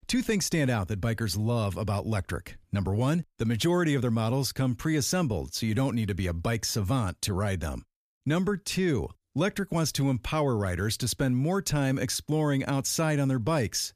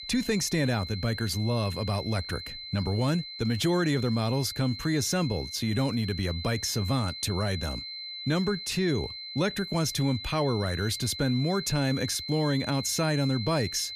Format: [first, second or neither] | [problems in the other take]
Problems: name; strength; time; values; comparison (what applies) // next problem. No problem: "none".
first | high-pitched whine; loud; throughout; 4 kHz, 8 dB below the speech